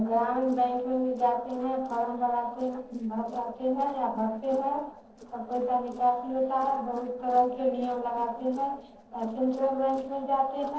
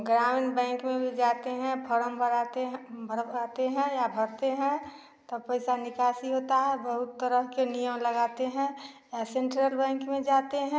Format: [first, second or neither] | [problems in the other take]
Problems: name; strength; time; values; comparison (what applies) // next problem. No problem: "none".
second | noise reduction (neural separator model SepFormer DNS4)